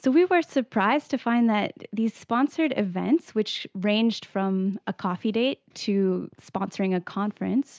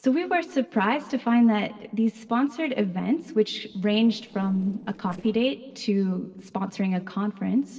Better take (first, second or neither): first